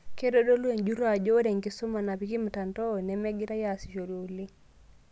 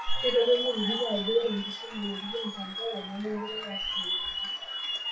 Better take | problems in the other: first | noise reduction (classical method WPE with log-MMSE)

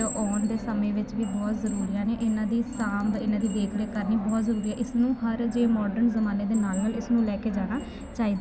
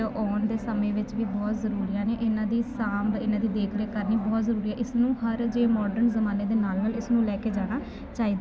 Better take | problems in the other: second | background sound (Chime); 19 dB below the speech

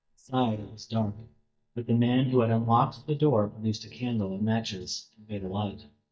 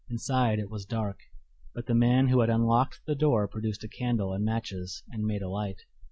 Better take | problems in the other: second | noise reduction (neural mask model DeepFilterNet 3)

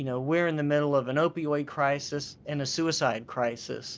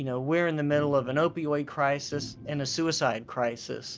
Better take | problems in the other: first | background sound (Organ); 17 dB below the speech

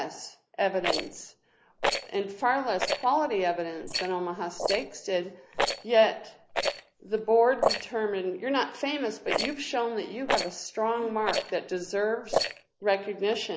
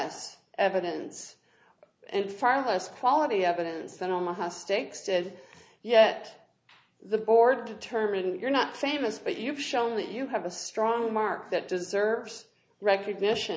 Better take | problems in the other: second | noise reduction (neural mask model Resemble Enhance denoiser)

